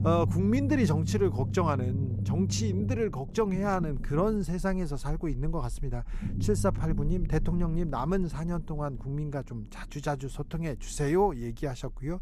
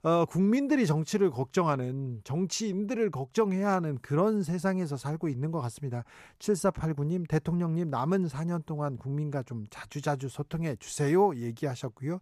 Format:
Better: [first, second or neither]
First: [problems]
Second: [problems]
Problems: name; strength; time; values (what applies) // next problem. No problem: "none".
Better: second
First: low rumble; noticeable; throughout; 10 dB below the speech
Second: none